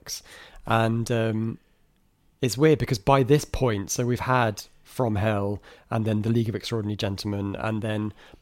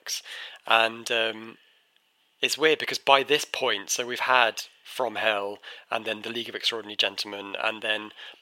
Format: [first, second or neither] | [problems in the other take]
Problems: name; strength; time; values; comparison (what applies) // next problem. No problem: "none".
first | thin; very; fading below 600 Hz